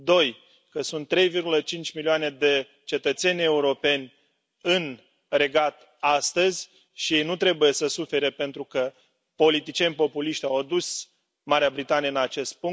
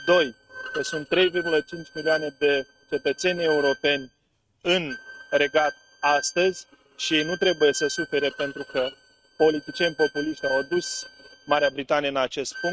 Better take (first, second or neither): first